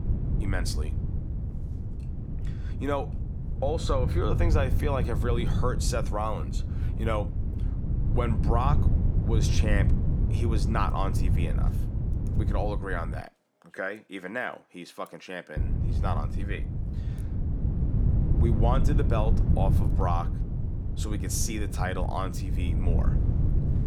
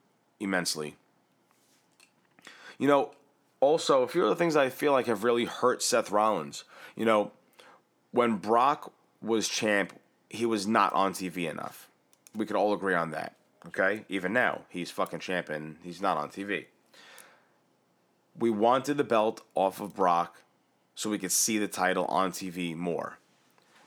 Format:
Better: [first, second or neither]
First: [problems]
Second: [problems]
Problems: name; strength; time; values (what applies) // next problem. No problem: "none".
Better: second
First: wind noise on the microphone; heavy; until 13 s and from 16 s on; 8 dB below the speech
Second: none